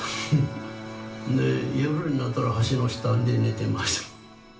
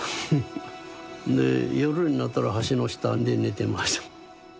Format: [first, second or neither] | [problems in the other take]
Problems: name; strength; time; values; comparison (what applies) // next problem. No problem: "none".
second | background sound (Bowed string instrument); 14 dB below the speech // room echo; dies away in 0.4 s